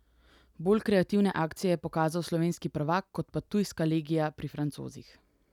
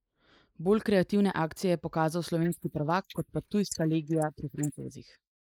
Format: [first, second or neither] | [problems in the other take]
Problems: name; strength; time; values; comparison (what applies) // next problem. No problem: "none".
first | noise reduction (neural mask model Resemble Enhance denoiser)